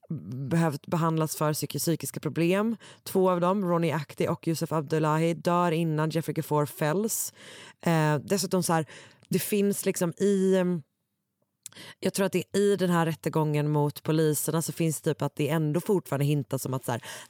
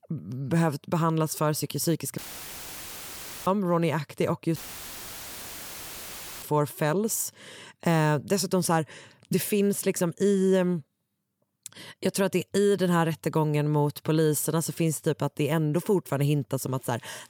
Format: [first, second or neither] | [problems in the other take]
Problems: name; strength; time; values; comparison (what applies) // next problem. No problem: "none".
first | audio cutting out; filled with static; at 2 s for 1.5 s and at 4.5 s for 2 s